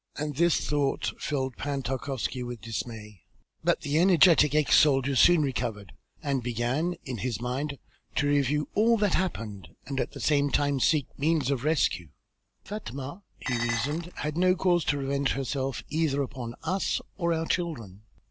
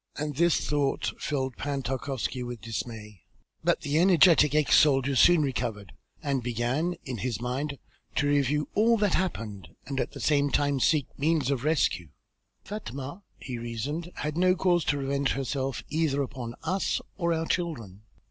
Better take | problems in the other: second | background sound (Dishes, pots, and pans); 7 dB below the speech

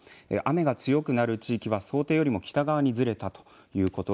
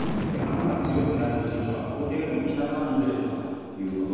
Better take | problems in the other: first | background sound (Boom); 4 dB below the speech // room echo; dies away in 2.1 s

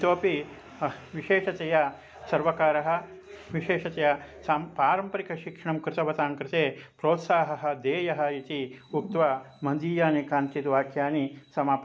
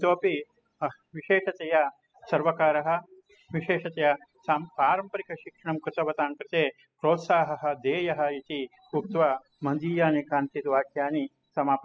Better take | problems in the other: first | noise reduction (classical method spectral subtraction)

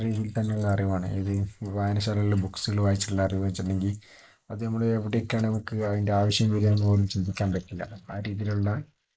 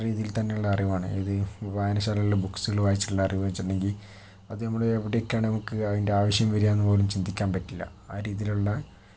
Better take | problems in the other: second | noise reduction (neural mask model Resemble Enhance denoiser)

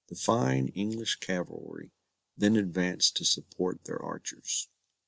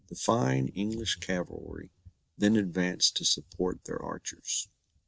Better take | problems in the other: first | noise reduction (neural mask model RNNoise)

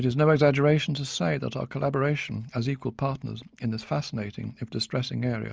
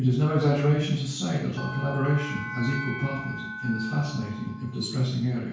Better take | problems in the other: first | background sound (Bell); 11 dB below the speech // room echo; dies away in 0.6 s

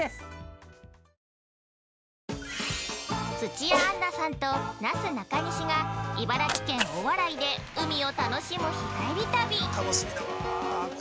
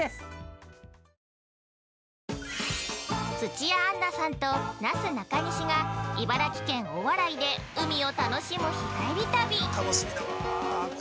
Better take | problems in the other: second | background sound (Cat); 10 dB below the speech

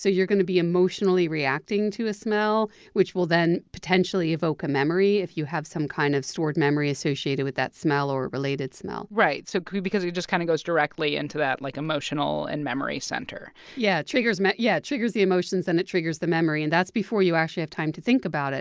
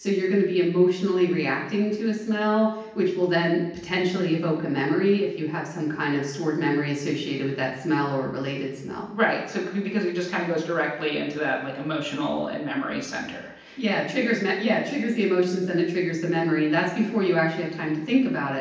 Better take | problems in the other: first | room echo; dies away in 0.9 s

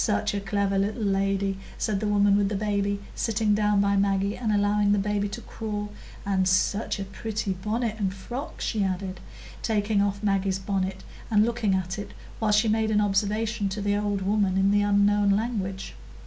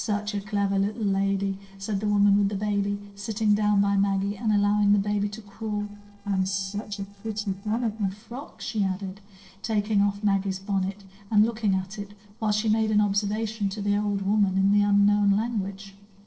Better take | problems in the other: first | noise reduction (neural separator model SepFormer DNS4)

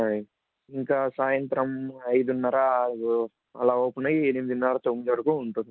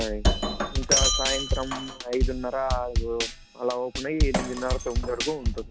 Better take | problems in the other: first | background sound (Shatter + Drum kit); 4 dB above the speech

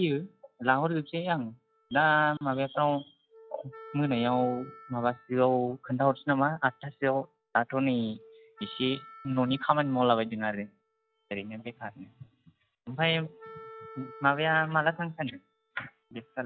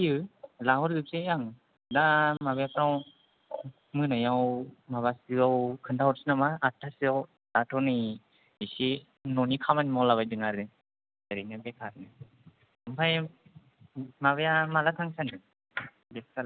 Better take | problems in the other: second | noise reduction (classical method log-MMSE)

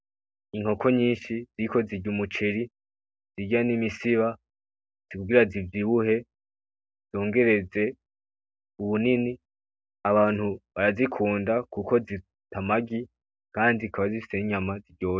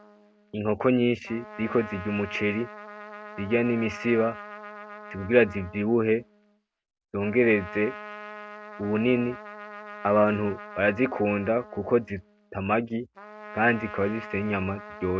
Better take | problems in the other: first | background sound (Trumpet); 15 dB below the speech

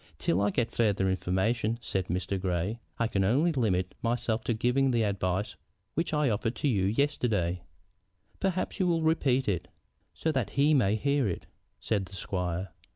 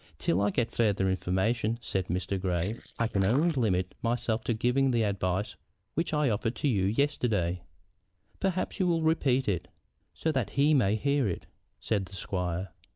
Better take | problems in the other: first | noise reduction (neural mask model Resemble Enhance denoiser)

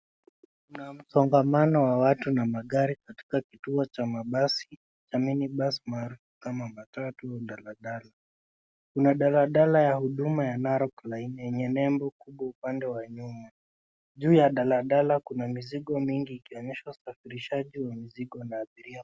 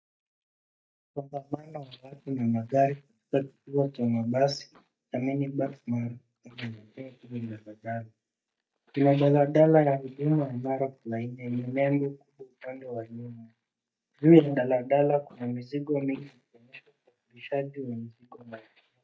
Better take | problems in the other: first | noise reduction (neural mask model DeepFilterNet 3)

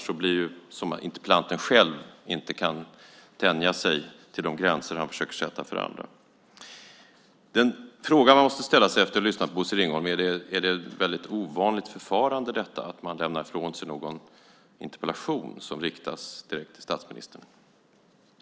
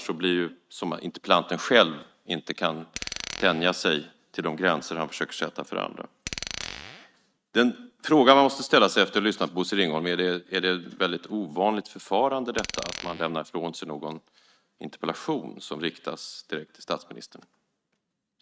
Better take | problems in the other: first | noise reduction (neural mask model RNNoise)

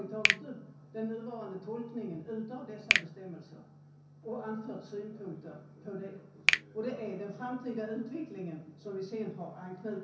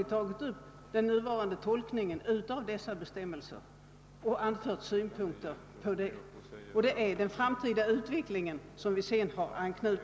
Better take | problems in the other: second | background sound (Finger snapping); 4 dB above the speech // room echo; dies away in 0.6 s

